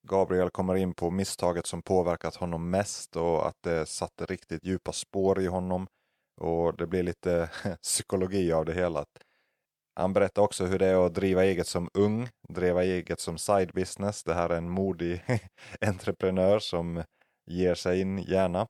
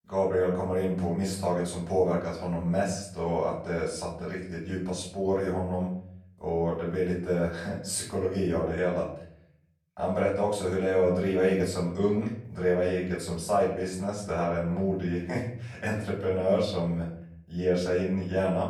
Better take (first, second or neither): first